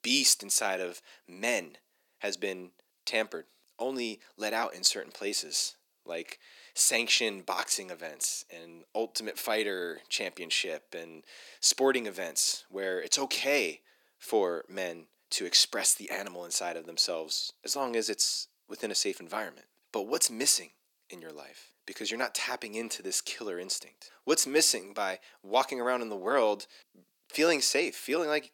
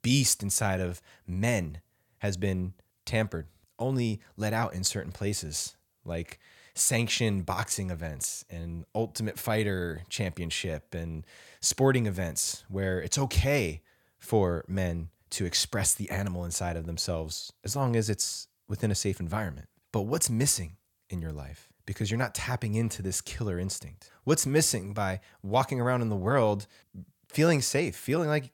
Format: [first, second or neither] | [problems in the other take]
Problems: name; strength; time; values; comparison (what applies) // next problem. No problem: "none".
second | thin; somewhat; fading below 300 Hz